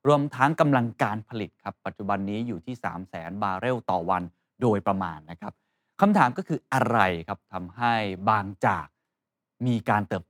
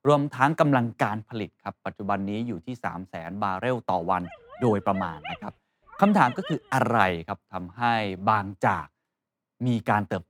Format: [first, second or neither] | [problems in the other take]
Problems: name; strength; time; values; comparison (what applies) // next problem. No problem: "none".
first | dog barking; faint; from 4 to 6.5 s; peak 10 dB below the speech